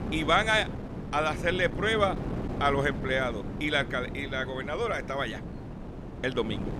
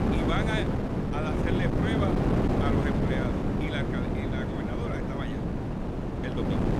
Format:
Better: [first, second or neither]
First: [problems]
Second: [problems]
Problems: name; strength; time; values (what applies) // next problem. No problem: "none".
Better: first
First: wind noise on the microphone; occasional gusts; 15 dB below the speech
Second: wind noise on the microphone; heavy; 3 dB above the speech